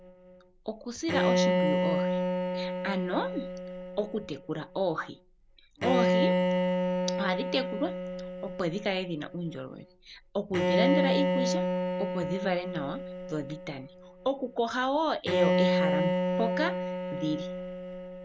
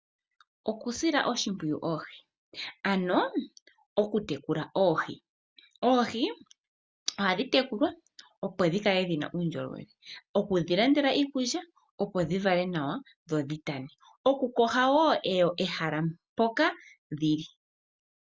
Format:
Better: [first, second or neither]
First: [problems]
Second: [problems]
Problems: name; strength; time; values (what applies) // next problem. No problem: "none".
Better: second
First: background sound (Bowed string instrument); 3 dB above the speech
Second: none